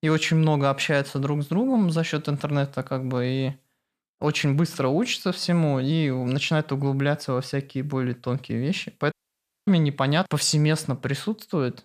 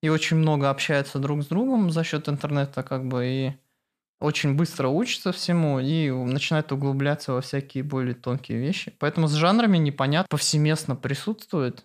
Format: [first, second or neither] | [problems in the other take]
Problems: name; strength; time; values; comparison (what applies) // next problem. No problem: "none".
second | audio cutting out; at 9 s for 0.5 s